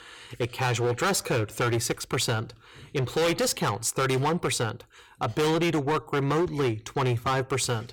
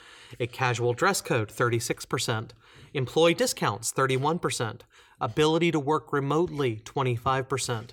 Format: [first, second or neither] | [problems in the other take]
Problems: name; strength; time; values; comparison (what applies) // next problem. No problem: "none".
second | distortion; heavy; 15% of the sound clipped